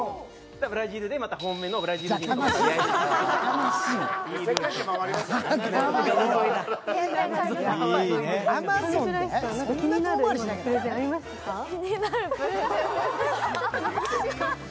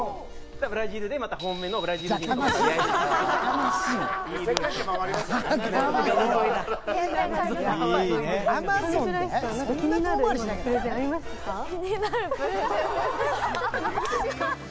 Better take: first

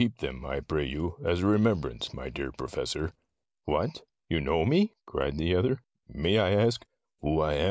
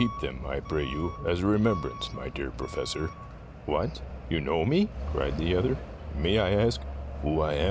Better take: first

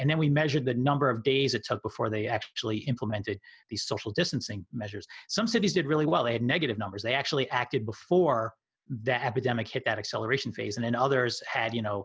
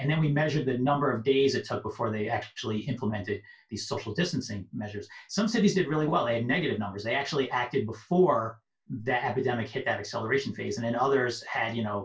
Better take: first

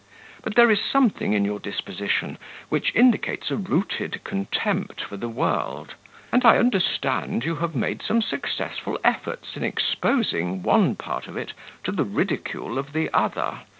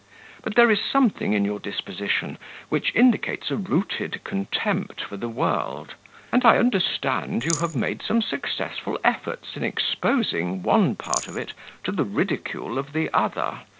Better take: first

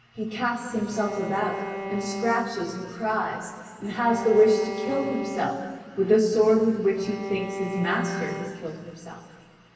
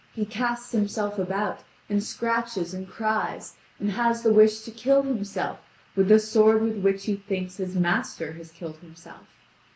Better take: second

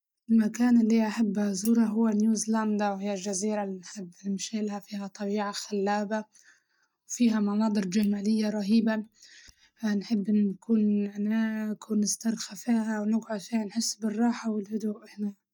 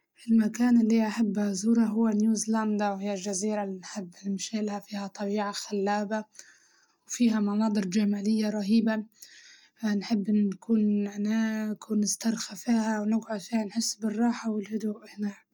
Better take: second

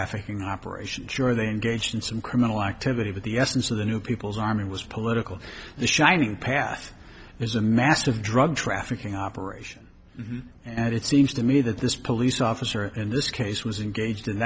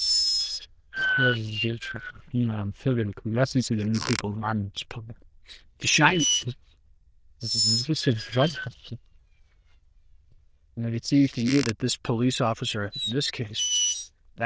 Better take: first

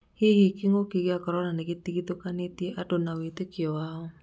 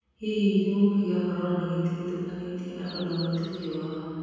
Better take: first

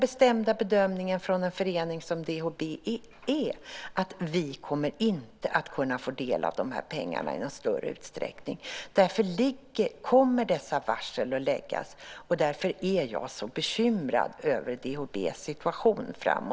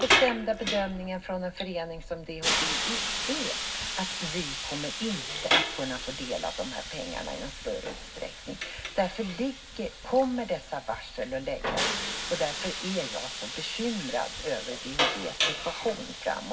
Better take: first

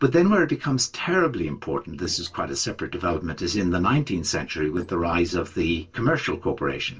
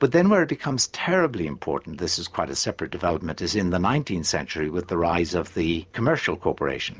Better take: second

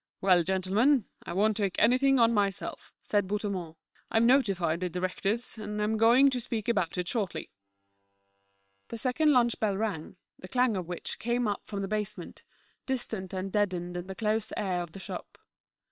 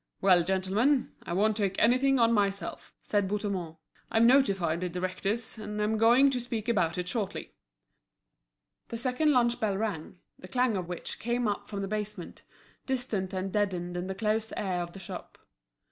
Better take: second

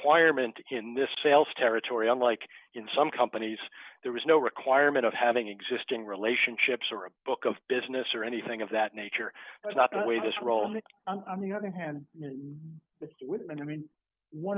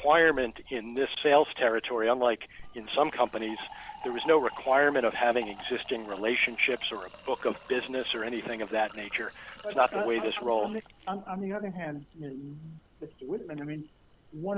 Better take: first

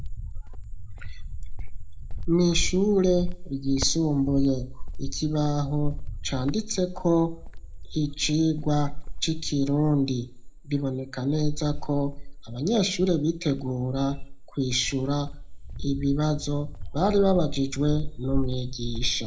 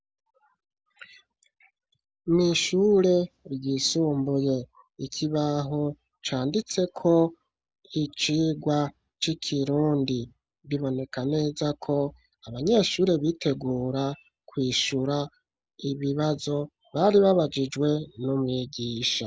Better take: second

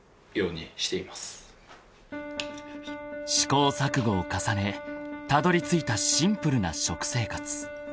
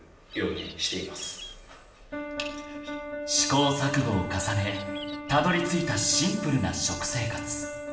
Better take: first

